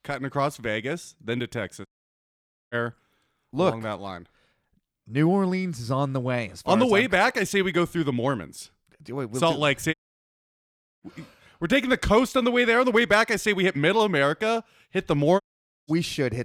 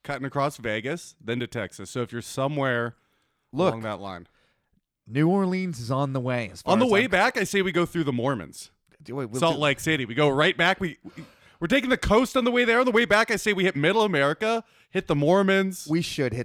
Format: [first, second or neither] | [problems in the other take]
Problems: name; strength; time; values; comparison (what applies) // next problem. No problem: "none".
second | audio cutting out; at 2 s for 1 s, at 10 s for 1 s and at 15 s